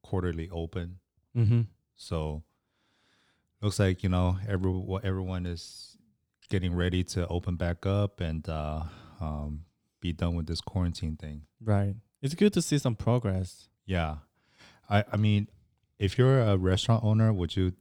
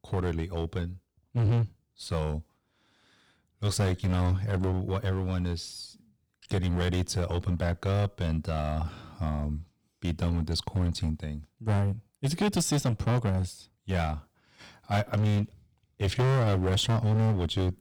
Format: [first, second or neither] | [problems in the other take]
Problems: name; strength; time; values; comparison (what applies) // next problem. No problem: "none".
first | distortion; heavy; 11% of the sound clipped